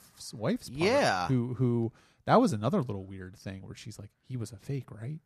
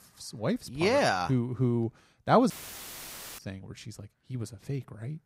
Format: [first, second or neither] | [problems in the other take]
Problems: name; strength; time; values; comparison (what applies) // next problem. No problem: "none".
first | audio cutting out; filled with static; at 2.5 s for 1 s